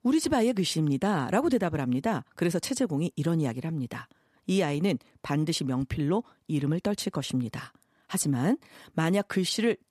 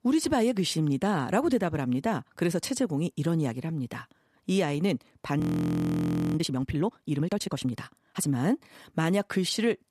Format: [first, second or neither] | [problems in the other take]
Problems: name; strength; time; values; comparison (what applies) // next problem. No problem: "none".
first | audio freezing; at 5.5 s for 1 s